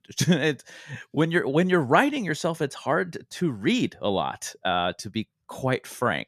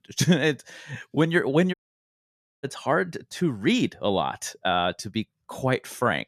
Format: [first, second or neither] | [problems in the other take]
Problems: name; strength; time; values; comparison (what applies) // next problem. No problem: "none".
first | audio cutting out; at 1.5 s for 1 s